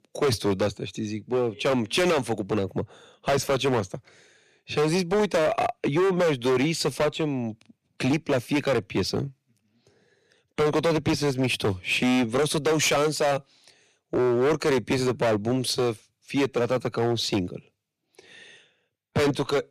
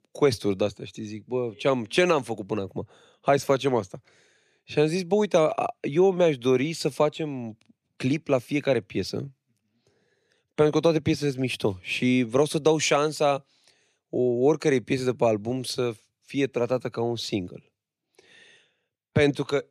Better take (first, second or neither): second